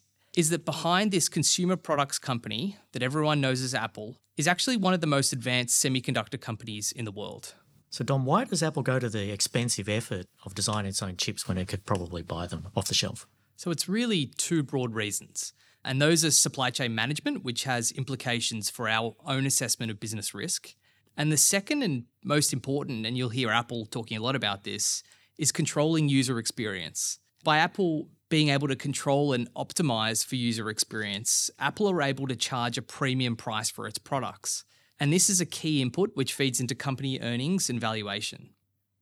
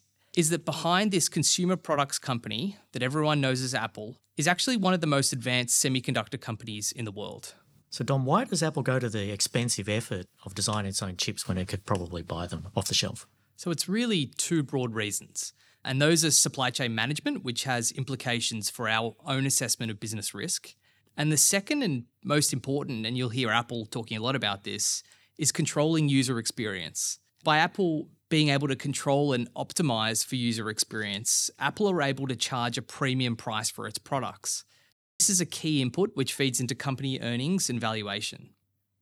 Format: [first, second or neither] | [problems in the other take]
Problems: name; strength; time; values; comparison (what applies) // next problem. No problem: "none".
first | audio cutting out; at 35 s